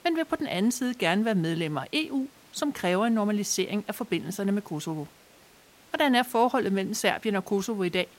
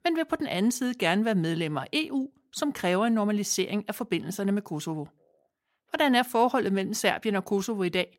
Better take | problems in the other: second | hiss; faint; throughout; 25 dB below the speech

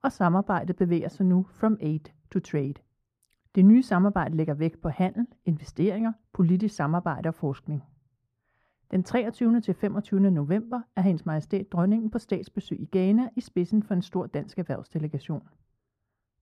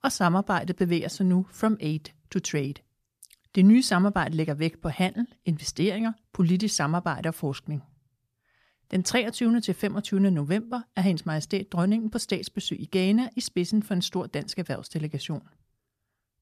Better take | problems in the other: second | muffled; very; fading above 2 kHz

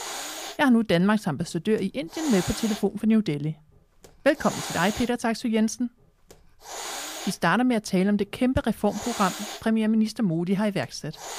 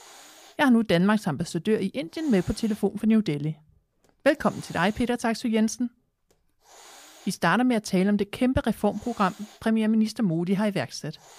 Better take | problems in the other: second | hiss; loud; throughout; 10 dB below the speech; faint in the second

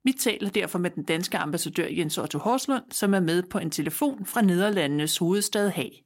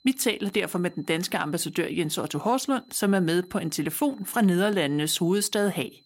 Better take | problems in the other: first | high-pitched whine; faint; throughout; 4 kHz, 35 dB below the speech

